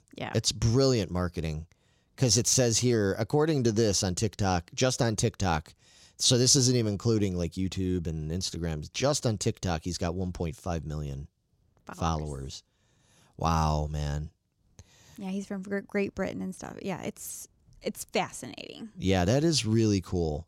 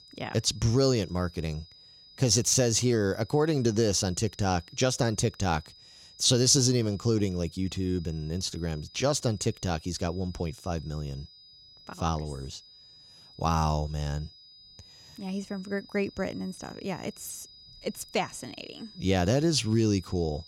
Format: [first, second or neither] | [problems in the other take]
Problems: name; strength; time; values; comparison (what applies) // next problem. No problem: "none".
first | high-pitched whine; faint; throughout; 5 kHz, 20 dB below the speech